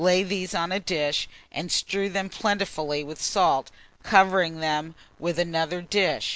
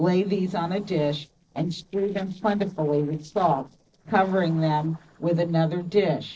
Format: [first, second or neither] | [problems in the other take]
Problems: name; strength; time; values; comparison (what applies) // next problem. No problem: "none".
first | noise reduction (neural separator model SepFormer DNS4)